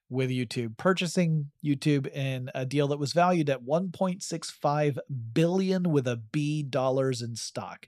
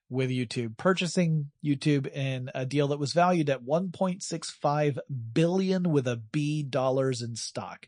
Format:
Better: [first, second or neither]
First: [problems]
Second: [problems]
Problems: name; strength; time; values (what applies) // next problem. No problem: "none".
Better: first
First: none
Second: garbled, watery; slightly; nothing above 9 kHz